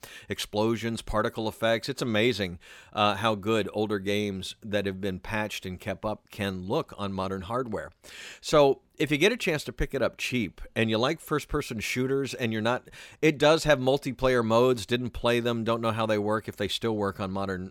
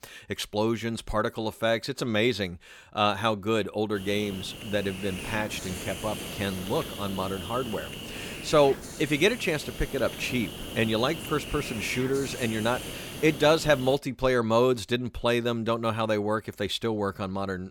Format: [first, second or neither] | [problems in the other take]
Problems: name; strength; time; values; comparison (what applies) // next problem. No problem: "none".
first | hiss; loud; from 4 to 14 s; 10 dB below the speech